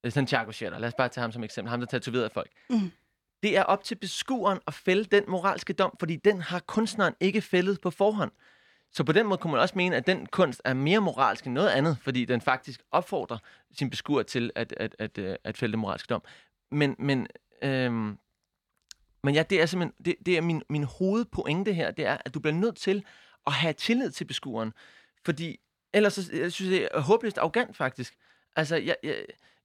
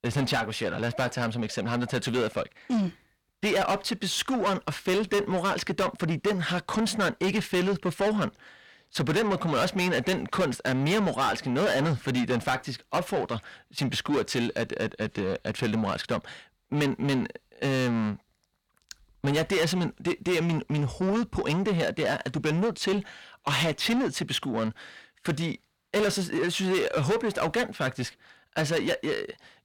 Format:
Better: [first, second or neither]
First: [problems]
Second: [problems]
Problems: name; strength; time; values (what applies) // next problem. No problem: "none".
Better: first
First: none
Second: distortion; heavy; 6 dB below the speech